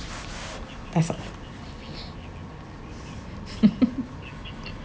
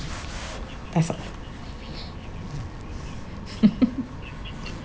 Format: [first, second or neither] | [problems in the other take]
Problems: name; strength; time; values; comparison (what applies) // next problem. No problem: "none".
first | background sound (Zipper (clothing)); 10 dB below the speech